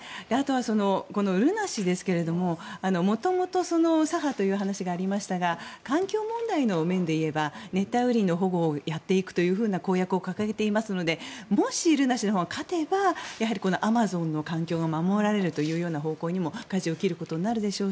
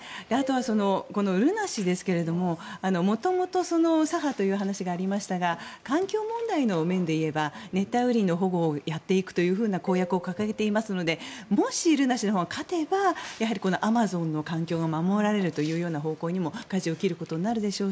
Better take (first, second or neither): first